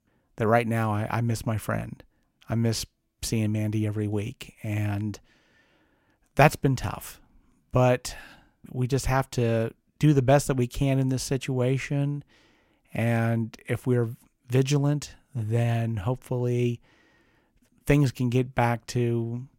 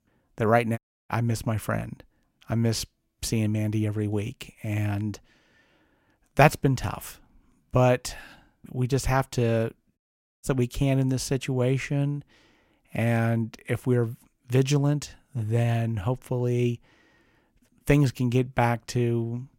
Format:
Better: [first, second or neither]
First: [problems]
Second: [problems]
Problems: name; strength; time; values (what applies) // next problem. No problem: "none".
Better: first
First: none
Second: audio cutting out; at 1 s and at 10 s